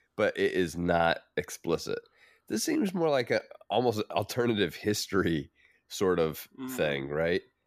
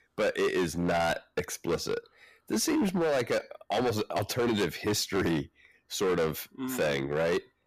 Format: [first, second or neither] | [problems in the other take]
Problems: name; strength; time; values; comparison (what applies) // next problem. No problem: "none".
first | distortion; heavy; 14% of the sound clipped